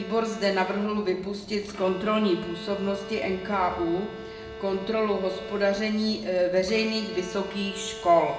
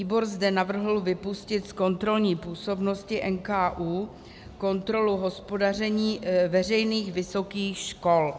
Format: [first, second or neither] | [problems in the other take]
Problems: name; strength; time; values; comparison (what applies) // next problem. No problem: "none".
second | background sound (Bowed string instrument); 14 dB below the speech // room echo; dies away in 0.9 s